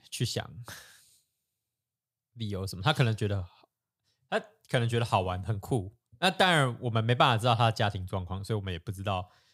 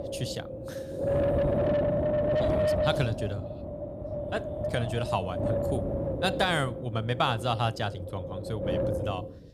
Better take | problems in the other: first | wind noise on the microphone; heavy; 1 dB above the speech

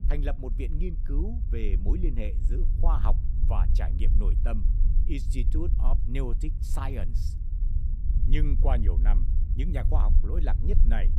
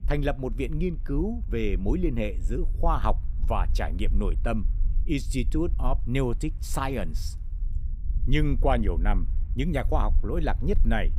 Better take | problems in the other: second | low rumble; loud; throughout; 8 dB below the speech; faint in the second

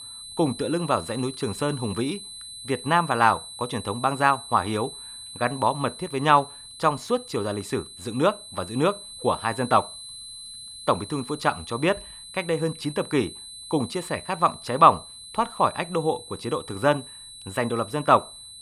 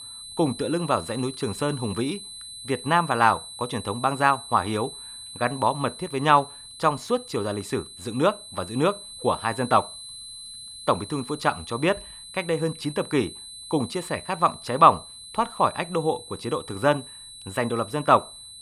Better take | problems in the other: neither | high-pitched whine; noticeable; throughout; 4 kHz, 15 dB below the speech; the same in both

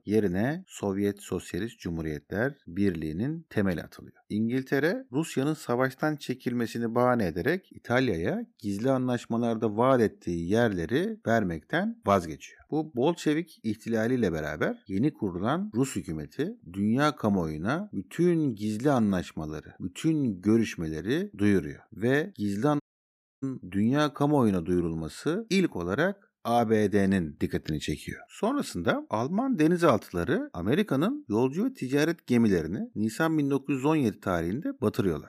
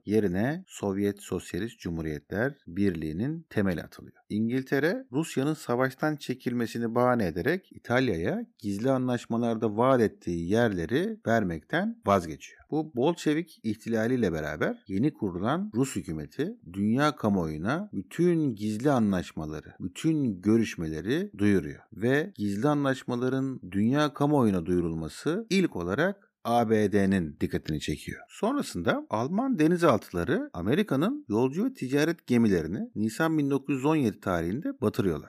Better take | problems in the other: second | audio cutting out; at 23 s for 0.5 s

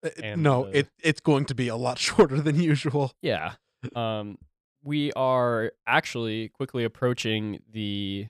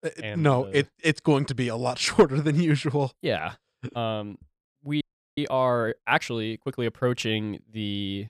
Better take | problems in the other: first | audio freezing; at 5 s

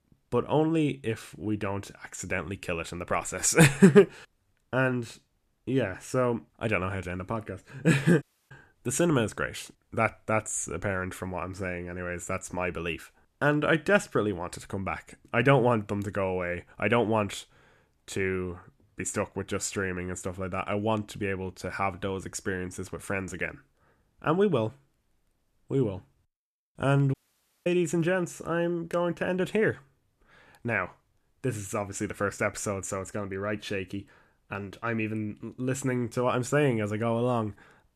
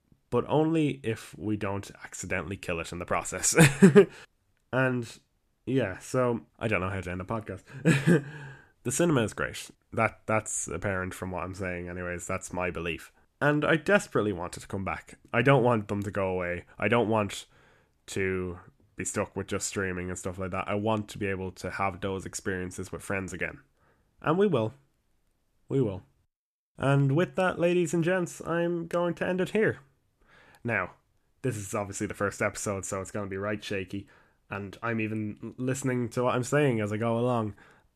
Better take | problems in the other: second | audio cutting out; at 8 s and at 27 s for 0.5 s

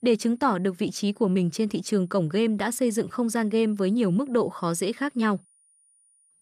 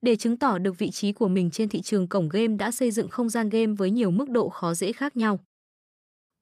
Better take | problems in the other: second | high-pitched whine; faint; throughout; 9.5 kHz, 35 dB below the speech

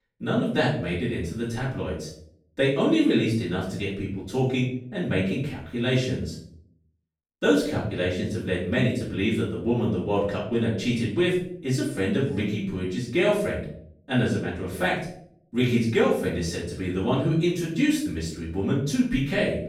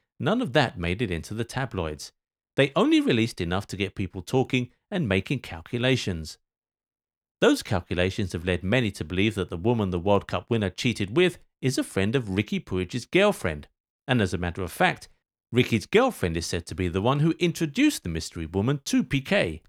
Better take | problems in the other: second | room echo; noticeable; dies away in 0.5 s // off-mic speech; far

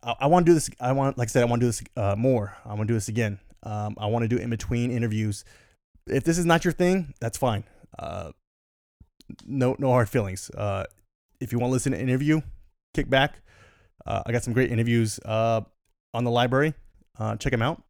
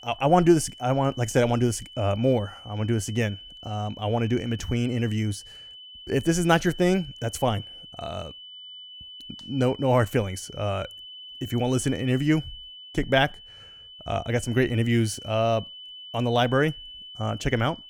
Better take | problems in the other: first | high-pitched whine; noticeable; throughout; 3 kHz, 15 dB below the speech

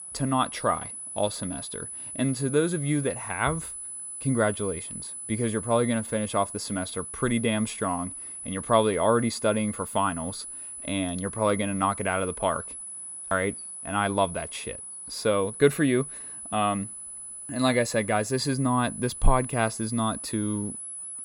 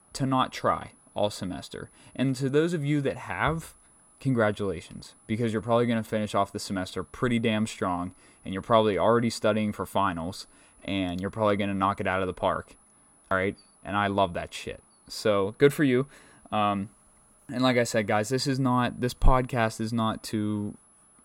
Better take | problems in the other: second | high-pitched whine; loud; throughout; 10 kHz, 8 dB below the speech; faint in the second

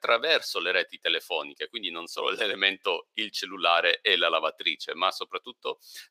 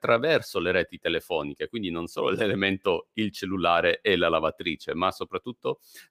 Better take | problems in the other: second | thin; somewhat; fading below 550 Hz

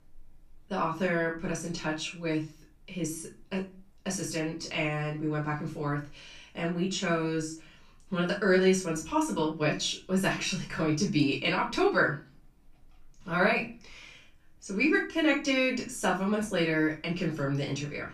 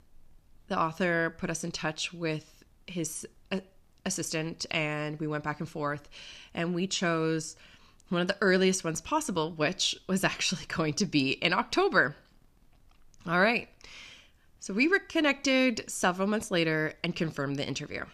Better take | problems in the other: second | off-mic speech; far // room echo; slight; dies away in 0.3 s

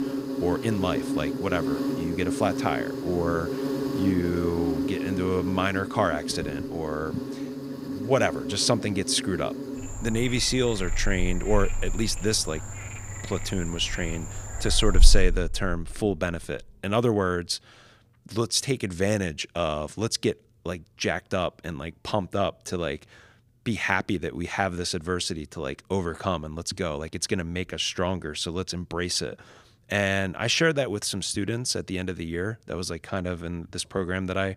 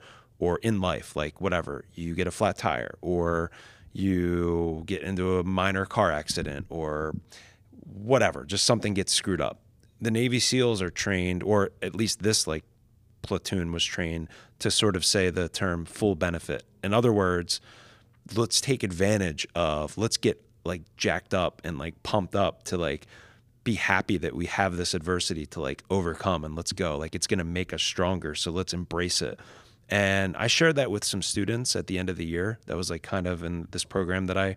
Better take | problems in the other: second | animal sounds; loud; until 15 s; 4 dB below the speech

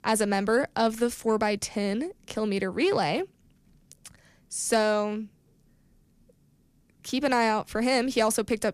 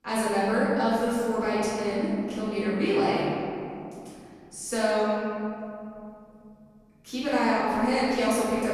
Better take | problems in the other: first | off-mic speech; far // room echo; strong; dies away in 2.6 s

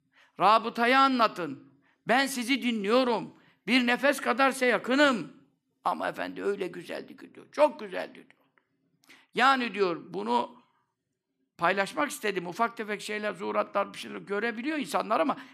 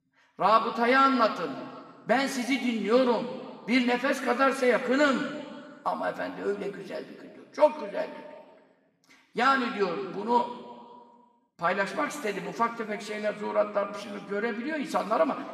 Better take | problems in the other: first | room echo; slight; dies away in 1.6 s // off-mic speech; somewhat distant

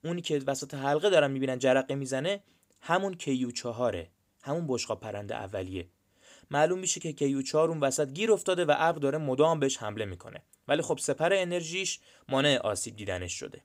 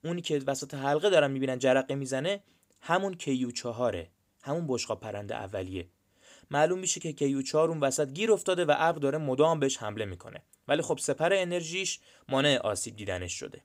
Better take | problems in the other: neither | none

